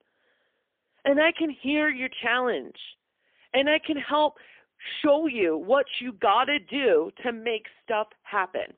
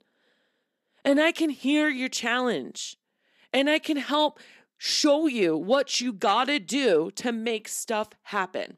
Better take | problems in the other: second | phone-call audio; poor line; nothing above 3 kHz

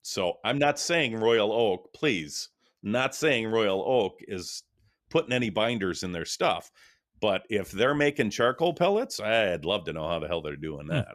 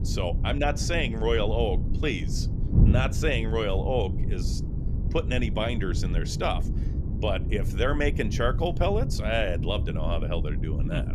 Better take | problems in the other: first | wind noise on the microphone; occasional gusts; 10 dB below the speech

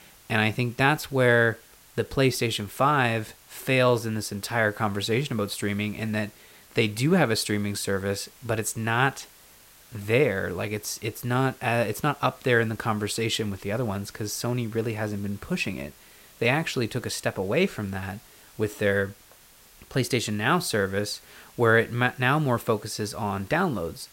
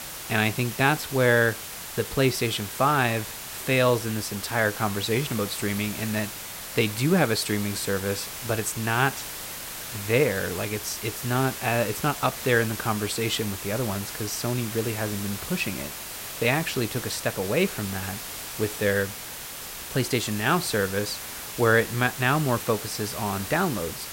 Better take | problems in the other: first | hiss; loud; throughout; 8 dB below the speech; faint in the first

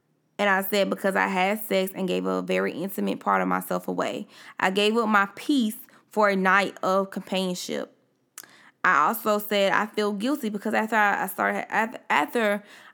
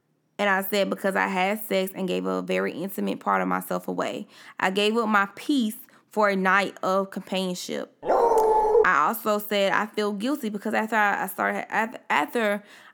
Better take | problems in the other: first | dog barking; loud; at 8 s; peak 5 dB above the speech

